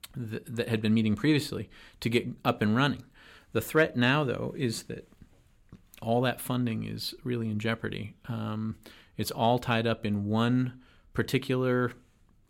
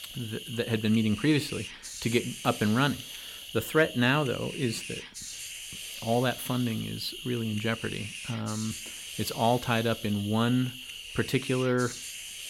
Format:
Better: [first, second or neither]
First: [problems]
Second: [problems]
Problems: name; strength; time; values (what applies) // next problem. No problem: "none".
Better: first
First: none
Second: hiss; loud; throughout; 9 dB below the speech